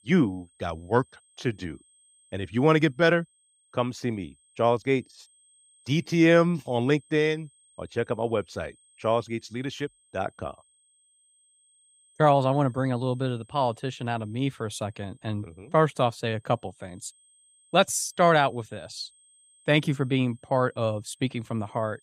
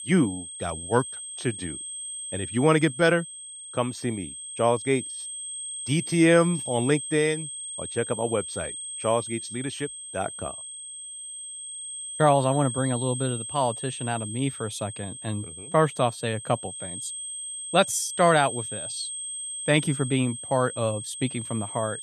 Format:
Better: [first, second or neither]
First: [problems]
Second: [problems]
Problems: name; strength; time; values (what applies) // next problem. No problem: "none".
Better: first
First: high-pitched whine; faint; throughout; 8.5 kHz, 35 dB below the speech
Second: high-pitched whine; loud; throughout; 8.5 kHz, 8 dB below the speech